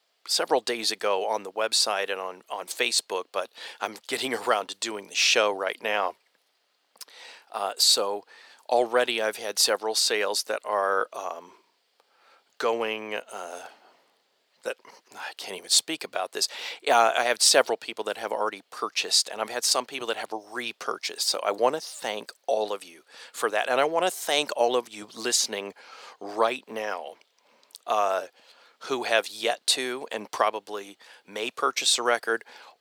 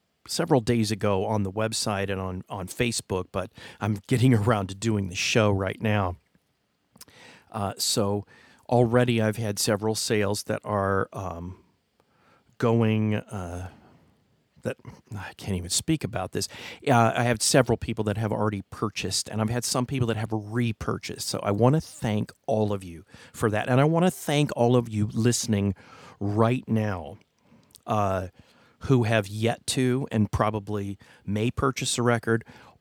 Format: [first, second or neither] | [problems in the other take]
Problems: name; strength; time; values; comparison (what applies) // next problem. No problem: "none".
second | thin; very; fading below 500 Hz